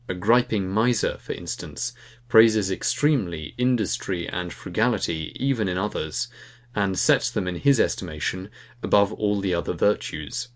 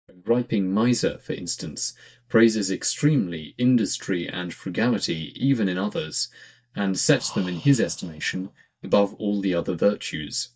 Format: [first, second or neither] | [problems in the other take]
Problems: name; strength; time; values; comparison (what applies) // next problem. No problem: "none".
first | noise reduction (neural mask model DeepFilterNet 3)